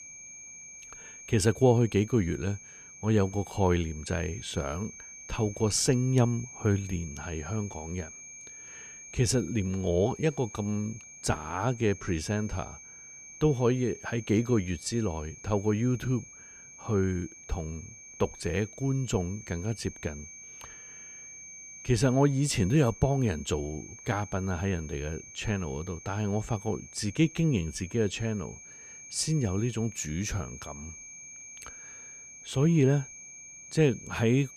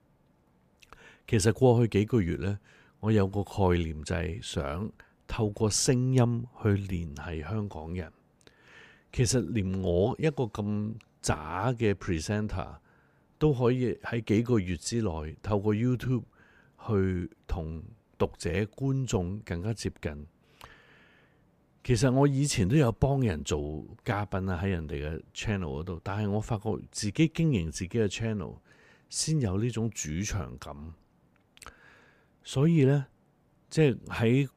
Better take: second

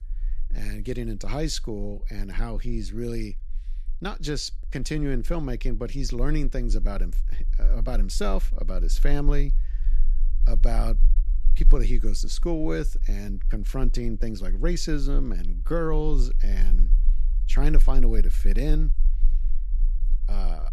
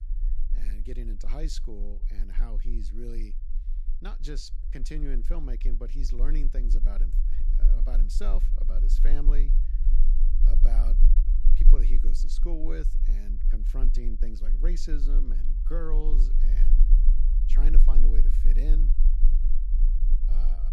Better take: first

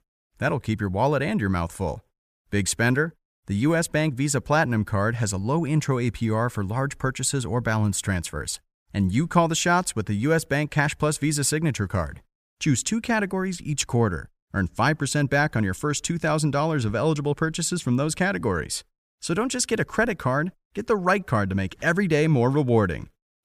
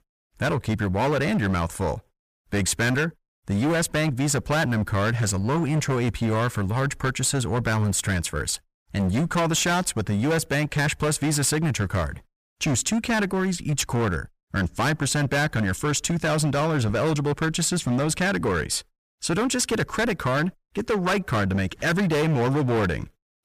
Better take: first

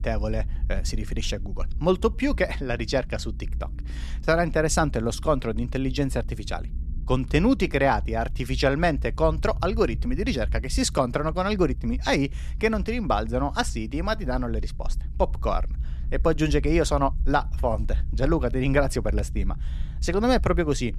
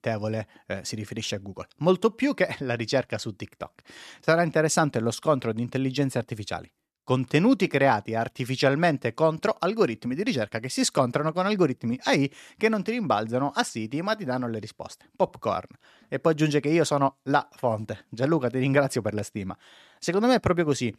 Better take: second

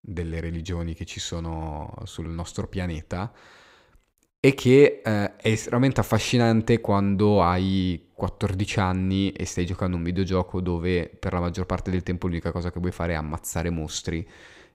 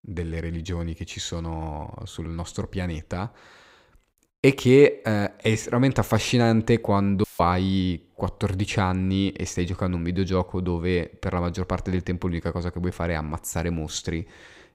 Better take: first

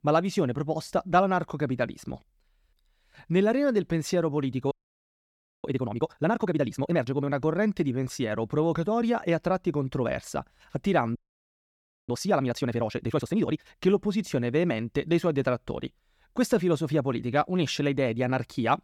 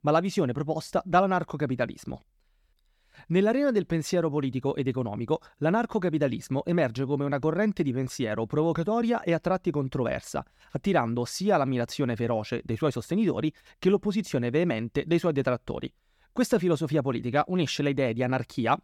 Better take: second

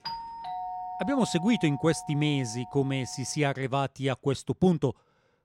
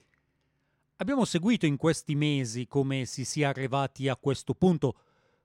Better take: second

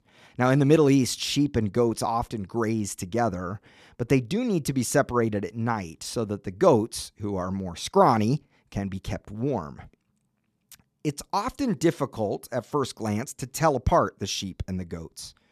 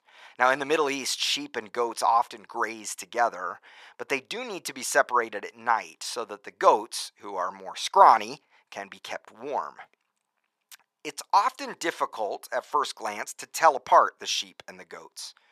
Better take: first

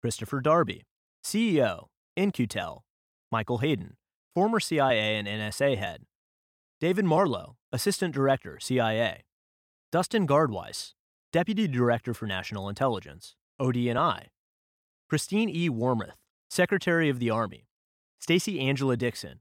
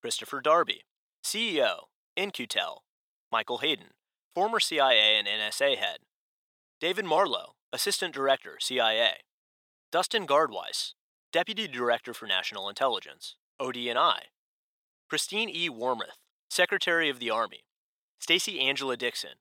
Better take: first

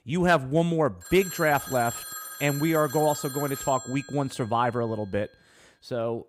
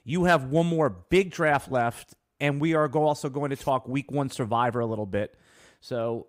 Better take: second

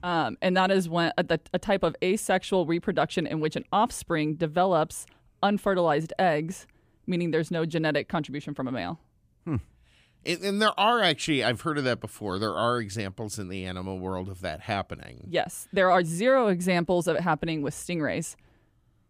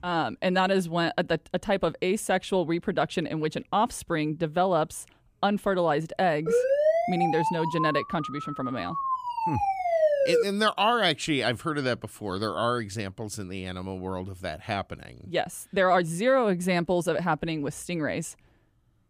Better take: first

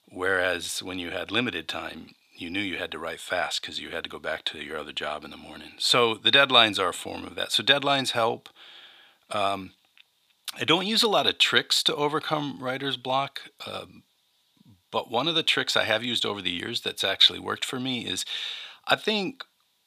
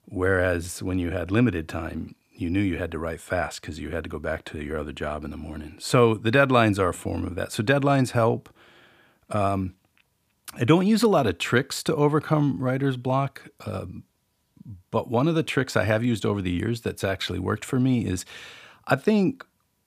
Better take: second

